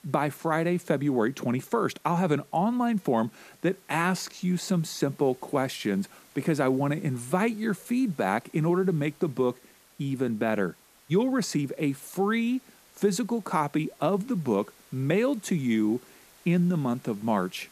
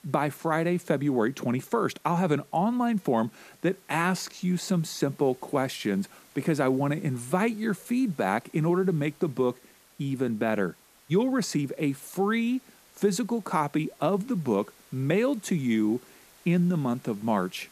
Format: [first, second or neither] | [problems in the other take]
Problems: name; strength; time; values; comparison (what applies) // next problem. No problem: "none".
neither | hiss; faint; throughout; 25 dB below the speech; the same in both